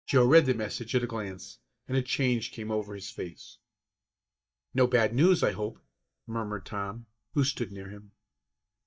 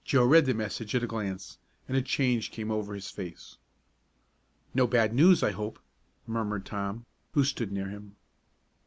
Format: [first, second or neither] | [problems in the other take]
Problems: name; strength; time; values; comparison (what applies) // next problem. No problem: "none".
second | noise reduction (neural mask model DeepFilterNet 3)